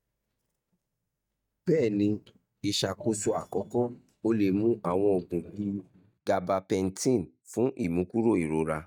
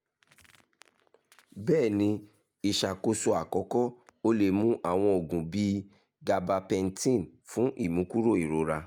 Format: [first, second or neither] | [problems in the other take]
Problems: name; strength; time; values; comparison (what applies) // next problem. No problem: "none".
second | noise reduction (neural mask model DeepFilterNet 3)